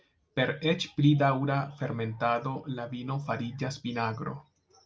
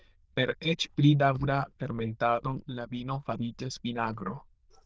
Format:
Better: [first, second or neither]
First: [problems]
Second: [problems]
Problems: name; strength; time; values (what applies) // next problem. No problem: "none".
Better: first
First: none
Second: noise reduction (neural diffusion model UNIVERSE++)